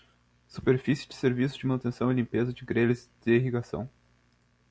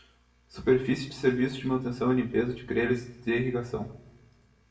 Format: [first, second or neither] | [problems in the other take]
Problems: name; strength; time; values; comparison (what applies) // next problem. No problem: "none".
first | room echo; dies away in 0.6 s